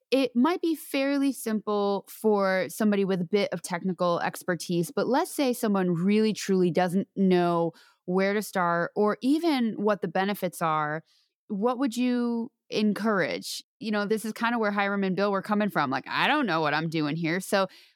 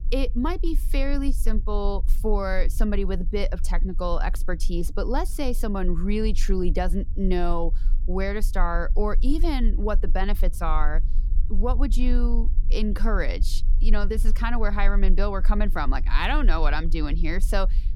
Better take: first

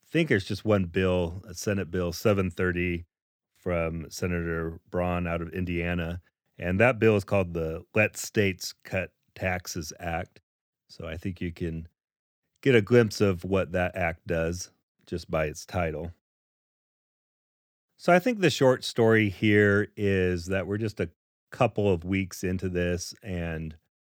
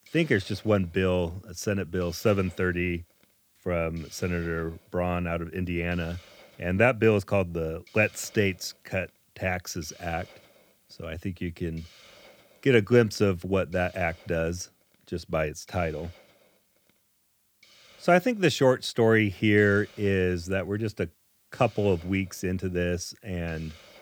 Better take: first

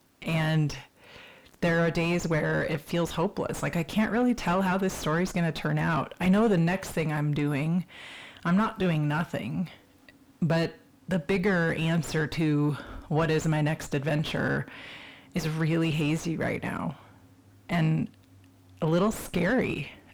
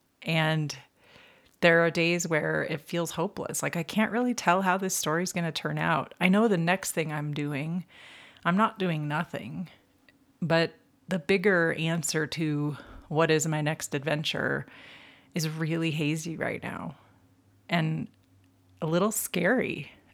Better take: second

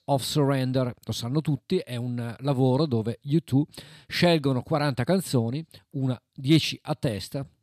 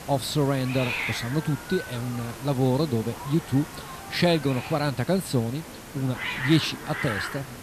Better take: first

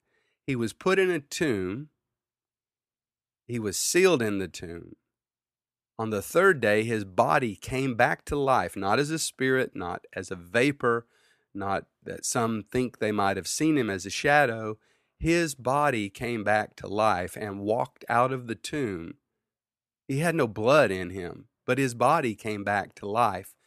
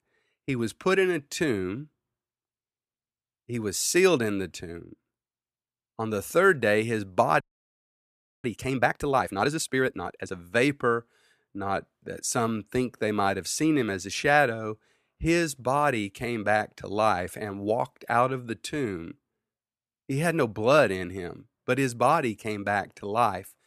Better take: first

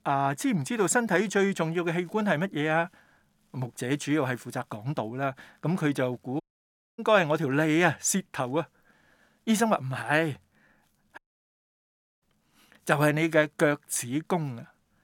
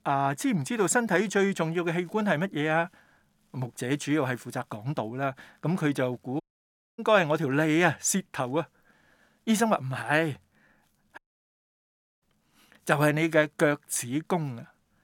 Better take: neither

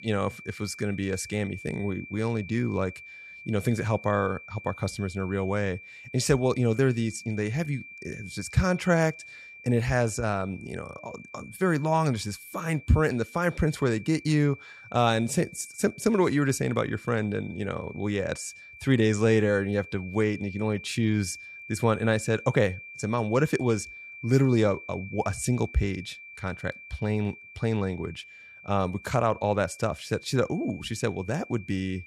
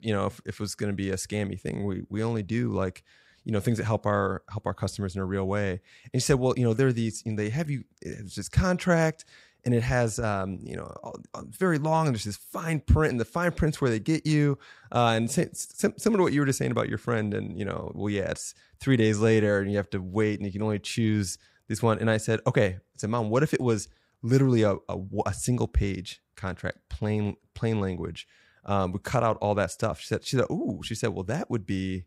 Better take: second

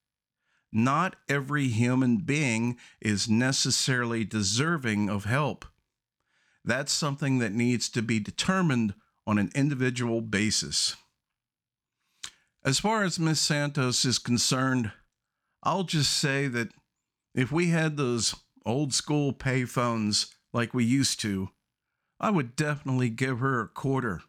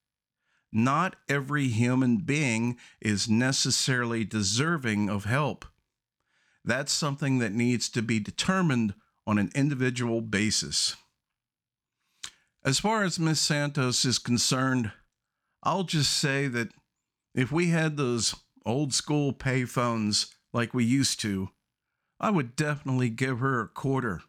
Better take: neither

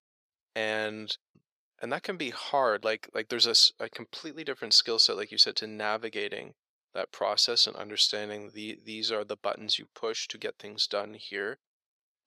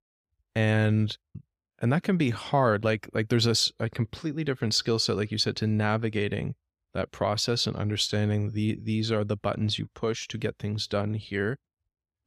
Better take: second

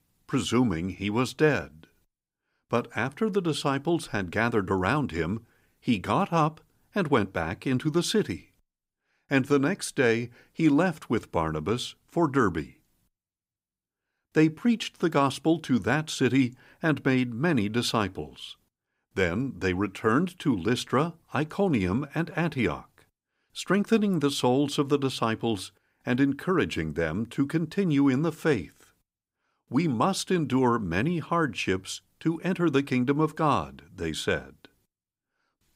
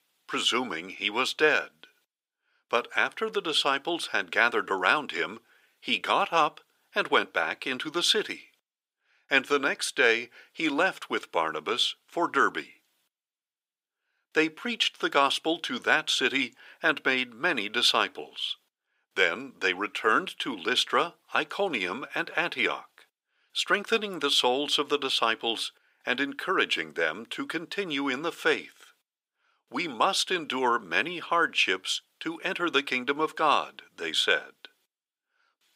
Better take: first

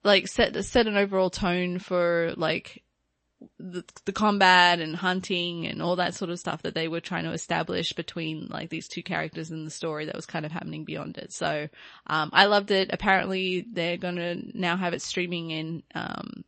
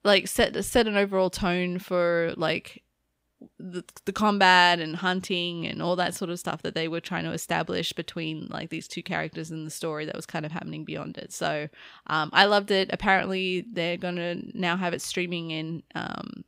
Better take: second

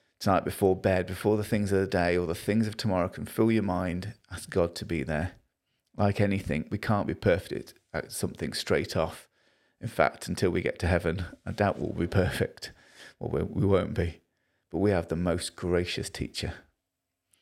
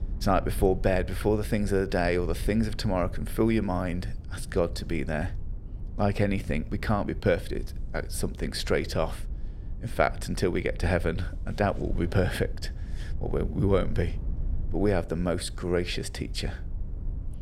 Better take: first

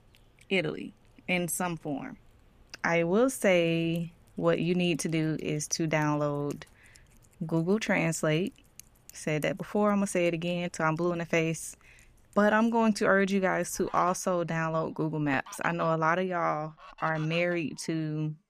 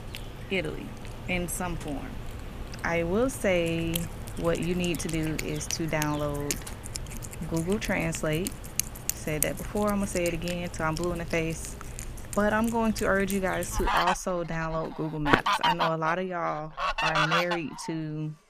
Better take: first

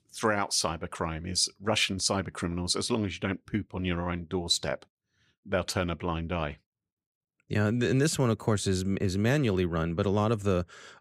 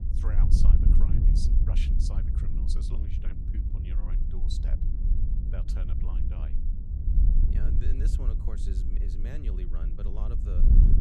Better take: first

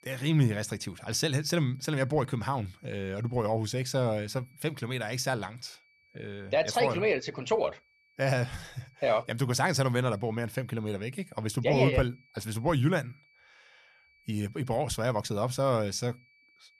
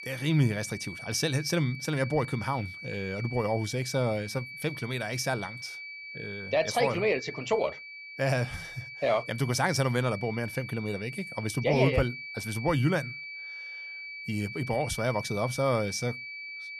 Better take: first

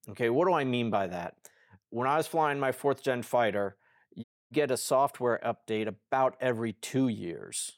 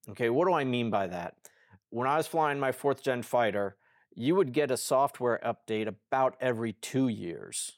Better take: second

